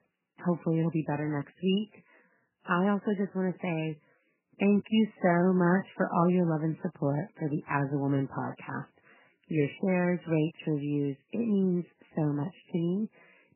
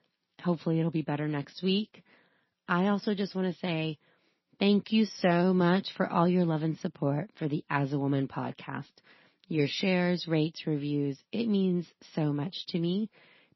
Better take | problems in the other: second | garbled, watery; badly; nothing above 3 kHz; slightly in the second

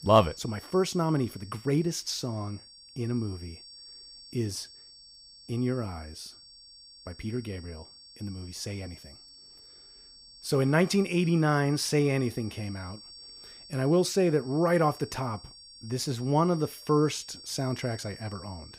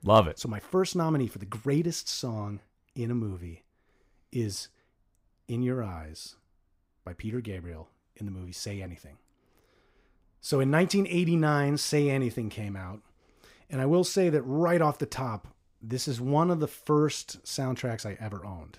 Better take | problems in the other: second | high-pitched whine; noticeable; throughout; 5.5 kHz, 20 dB below the speech

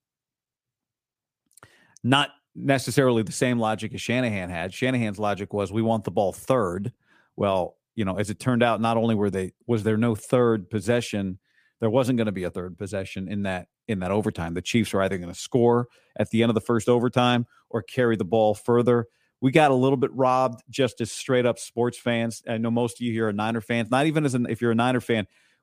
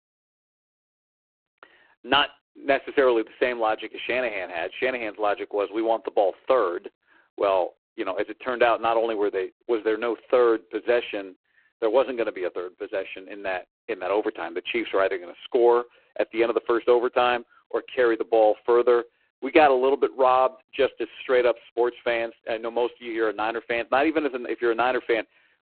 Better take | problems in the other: first | phone-call audio; poor line

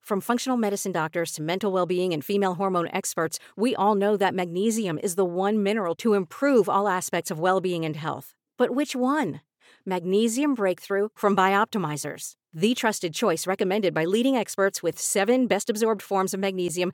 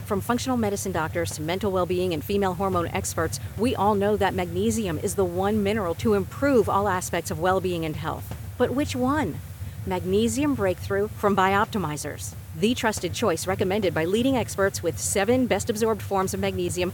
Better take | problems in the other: first | hiss; noticeable; throughout; 10 dB below the speech

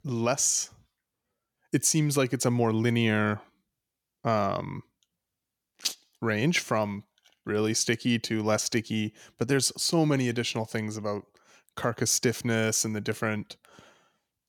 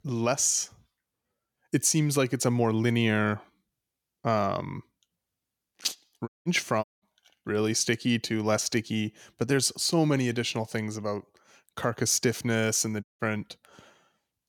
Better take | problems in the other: first | audio cutting out; at 6.5 s, at 7 s and at 13 s

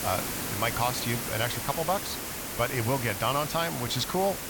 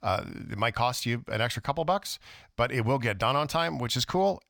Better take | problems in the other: second | hiss; loud; throughout; 3 dB below the speech

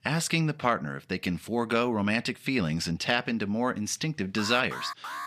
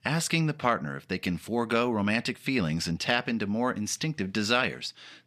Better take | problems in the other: second | alarm; noticeable; at 4.5 s; peak 8 dB below the speech

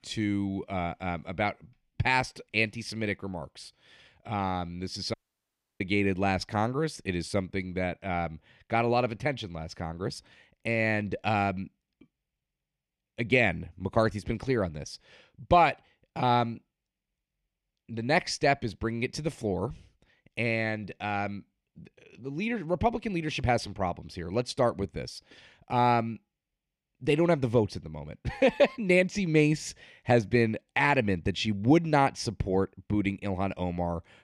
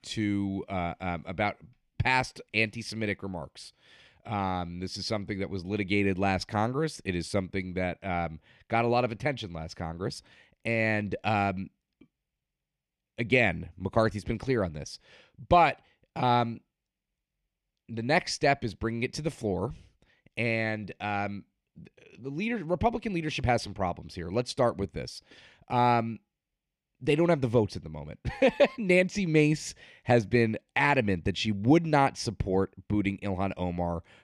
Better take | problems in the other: second | audio cutting out; at 5 s for 0.5 s

